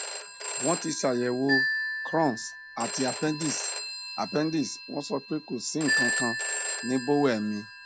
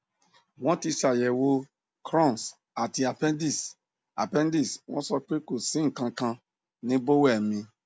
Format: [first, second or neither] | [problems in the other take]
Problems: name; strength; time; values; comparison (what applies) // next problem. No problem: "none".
second | background sound (Marimba, xylophone + Telephone); 3 dB below the speech